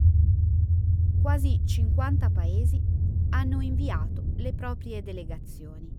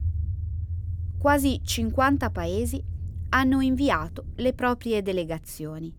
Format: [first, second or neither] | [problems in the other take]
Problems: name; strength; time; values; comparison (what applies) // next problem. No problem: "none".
second | low rumble; loud; throughout; 4 dB below the speech; faint in the second